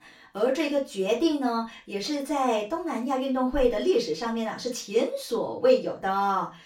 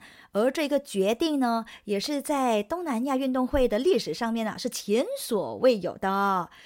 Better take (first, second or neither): second